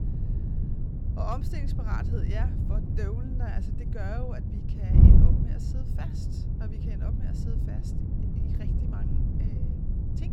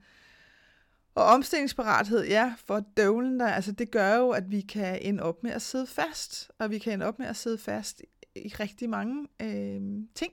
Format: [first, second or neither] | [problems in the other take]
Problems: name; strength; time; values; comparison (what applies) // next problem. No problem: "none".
second | wind noise on the microphone; heavy; 2 dB above the speech